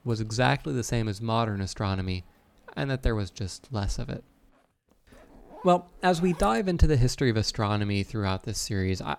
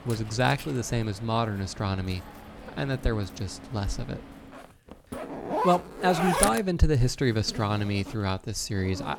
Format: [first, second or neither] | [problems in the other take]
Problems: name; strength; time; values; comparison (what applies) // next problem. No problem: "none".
first | household noises; loud; throughout; 6 dB below the speech; faint in the first